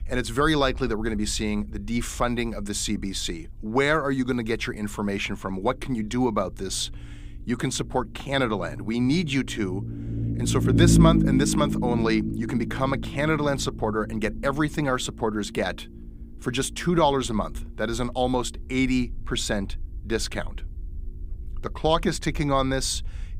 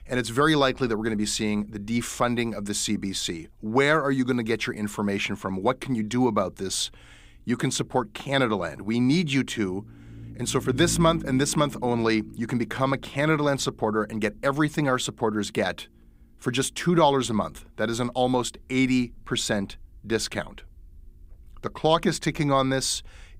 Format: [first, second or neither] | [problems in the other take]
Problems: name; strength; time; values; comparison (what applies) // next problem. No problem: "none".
second | low rumble; loud; throughout; 7 dB below the speech; faint in the second